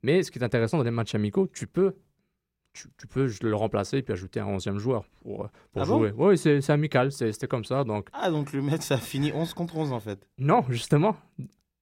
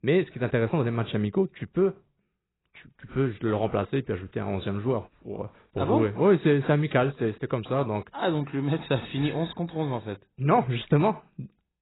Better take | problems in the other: first | garbled, watery; badly; nothing above 4 kHz

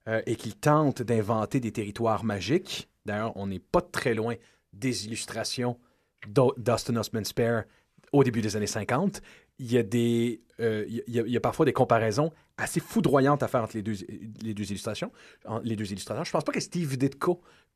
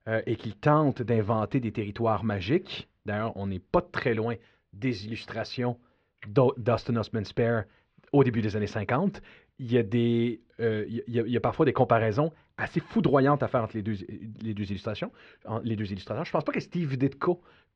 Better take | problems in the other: first | muffled; slightly; fading above 4 kHz

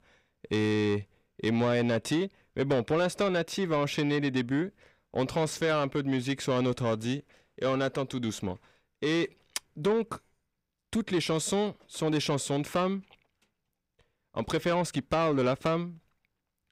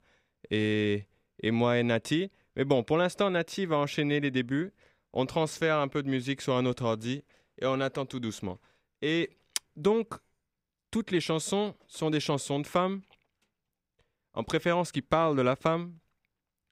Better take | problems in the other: second | distortion; slight; 10 dB below the speech

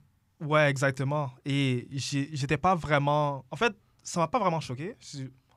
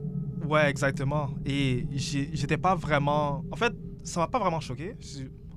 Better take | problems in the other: first | low rumble; noticeable; throughout; 20 dB below the speech

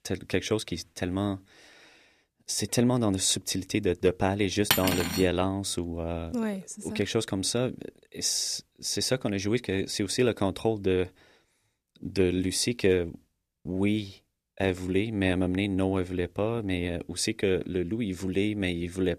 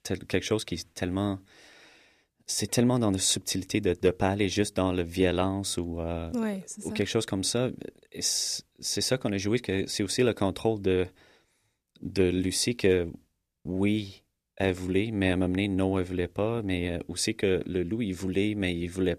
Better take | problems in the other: second | clattering dishes; loud; at 4.5 s; peak 3 dB above the speech

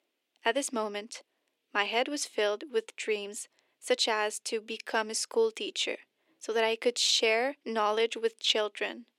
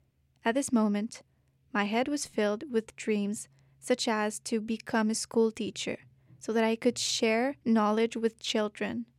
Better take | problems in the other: second | thin; somewhat; fading below 300 Hz

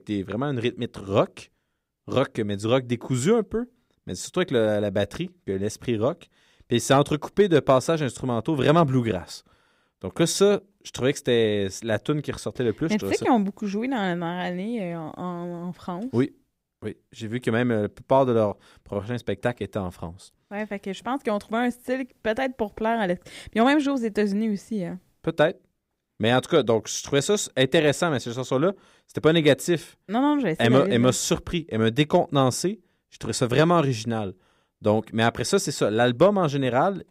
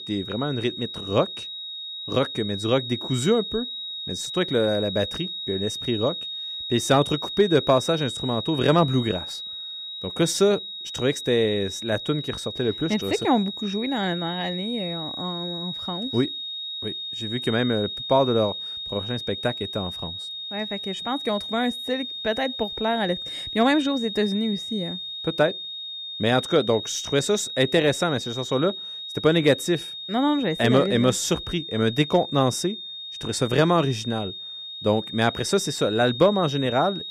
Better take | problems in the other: first | high-pitched whine; loud; throughout; 4 kHz, 7 dB below the speech

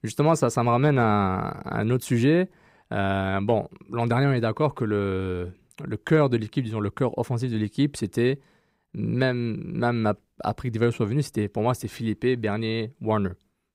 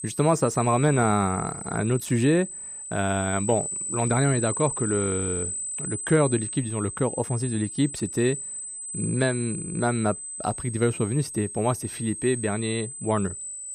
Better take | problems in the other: first | high-pitched whine; loud; throughout; 8 kHz, 6 dB below the speech

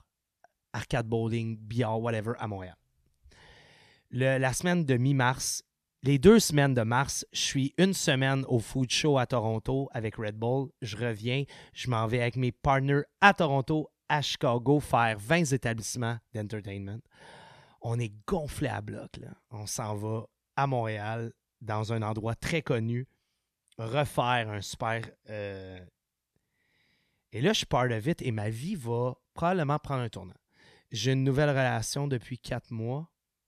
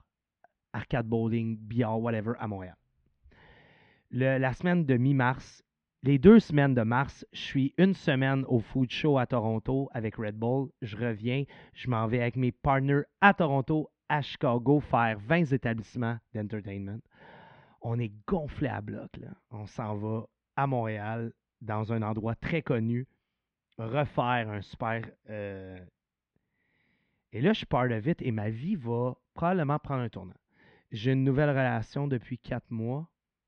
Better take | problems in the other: first | muffled; very; fading above 3 kHz

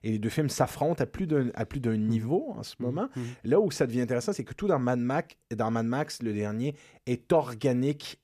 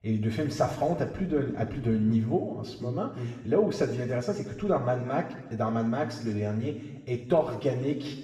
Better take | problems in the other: first | room echo; noticeable; dies away in 1.2 s // off-mic speech; far

